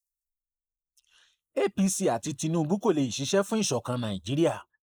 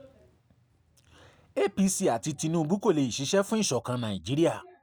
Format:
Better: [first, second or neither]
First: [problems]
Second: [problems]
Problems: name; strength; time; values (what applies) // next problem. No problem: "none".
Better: second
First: noise reduction (neural mask model Resemble Enhance denoiser)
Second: none